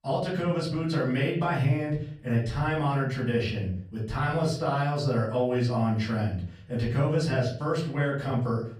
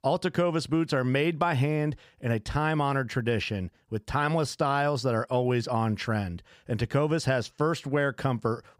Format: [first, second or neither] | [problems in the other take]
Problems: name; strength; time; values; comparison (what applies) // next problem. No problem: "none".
second | off-mic speech; far // room echo; slight; dies away in 0.5 s